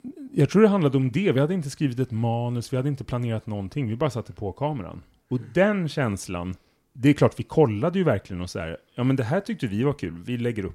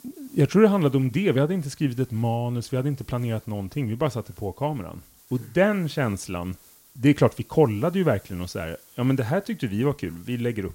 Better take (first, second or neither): first